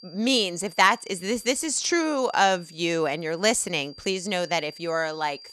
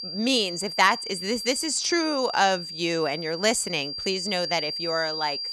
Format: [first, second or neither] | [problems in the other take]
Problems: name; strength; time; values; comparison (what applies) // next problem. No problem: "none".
first | high-pitched whine; loud; throughout; 4.5 kHz, 6 dB below the speech; faint in the first